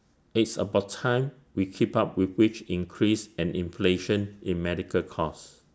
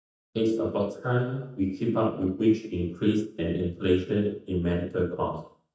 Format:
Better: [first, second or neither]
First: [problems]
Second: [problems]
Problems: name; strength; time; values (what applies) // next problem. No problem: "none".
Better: first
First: none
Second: noise reduction (neural mask model DeepFilterNet 3)